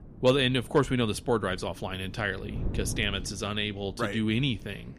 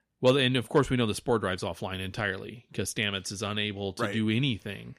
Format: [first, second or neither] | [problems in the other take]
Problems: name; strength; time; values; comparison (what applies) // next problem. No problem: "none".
second | wind noise on the microphone; occasional gusts; 20 dB below the speech